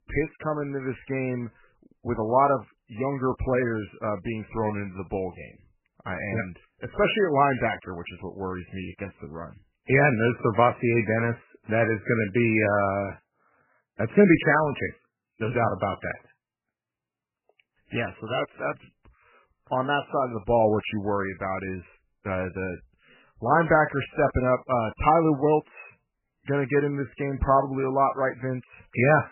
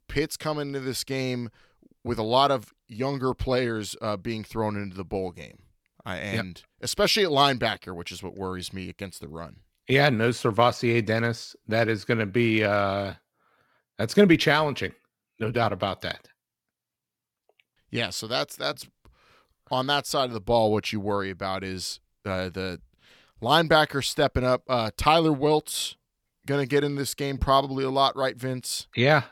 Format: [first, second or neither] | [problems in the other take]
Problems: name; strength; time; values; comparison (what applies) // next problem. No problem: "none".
second | garbled, watery; badly; nothing above 3 kHz